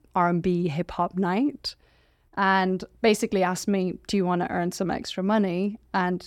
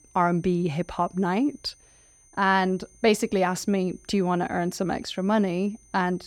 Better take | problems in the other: first | high-pitched whine; faint; throughout; 6 kHz, 30 dB below the speech

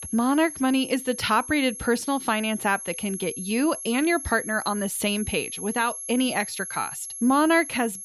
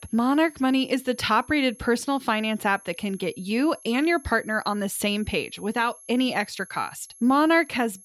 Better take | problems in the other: second | high-pitched whine; loud; throughout; 11 kHz, 9 dB below the speech; faint in the second

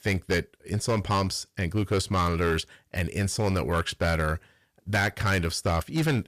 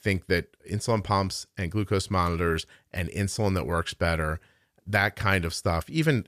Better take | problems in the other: second | distortion; slight; 8% of the sound clipped

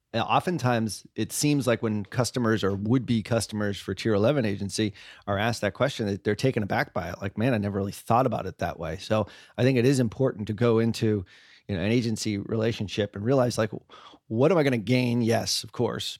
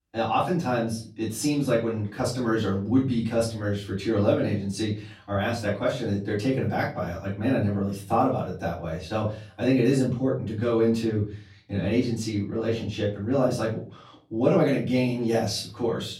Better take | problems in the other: first | room echo; slight; dies away in 0.4 s // off-mic speech; far

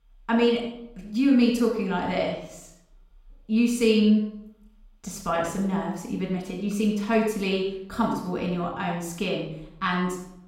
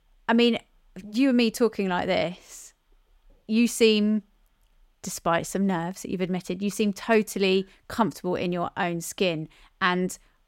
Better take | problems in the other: second | off-mic speech; far // room echo; noticeable; dies away in 0.6 s

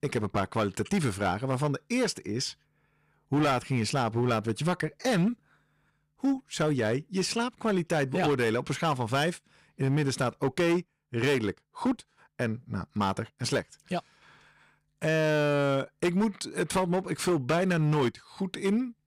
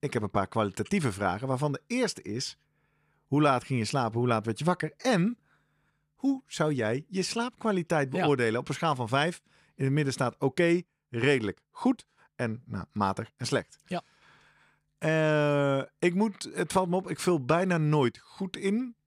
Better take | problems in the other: second | distortion; slight; 8% of the sound clipped

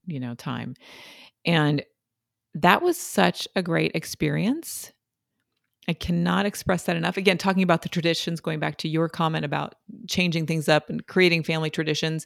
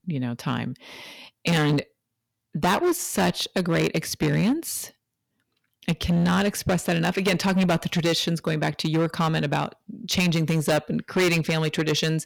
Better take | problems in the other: first | distortion; heavy; 11% of the sound clipped

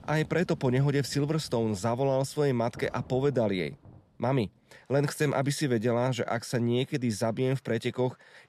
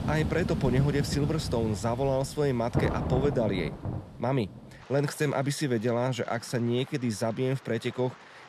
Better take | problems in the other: first | rain or running water; loud; throughout; 4 dB below the speech; faint in the first

